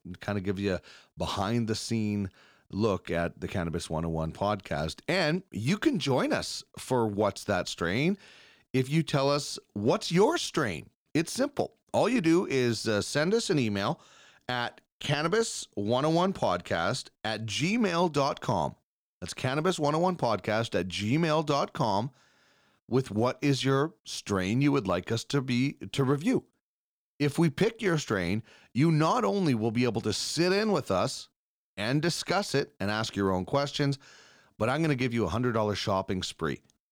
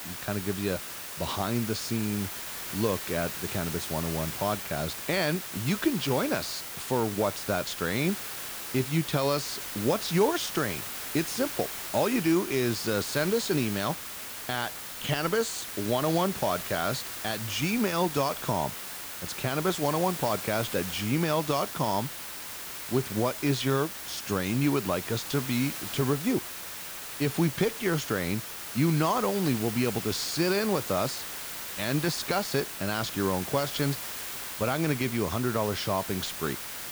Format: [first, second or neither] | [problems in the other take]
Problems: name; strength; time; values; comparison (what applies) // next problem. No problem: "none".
first | hiss; loud; throughout; 6 dB below the speech